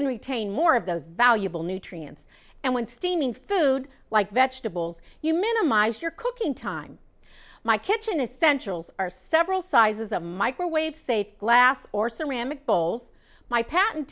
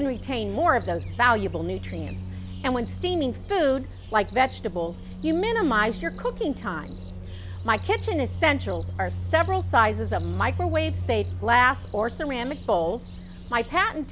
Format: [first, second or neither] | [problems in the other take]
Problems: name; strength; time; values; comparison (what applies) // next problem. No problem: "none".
first | background sound (Cricket); 8 dB below the speech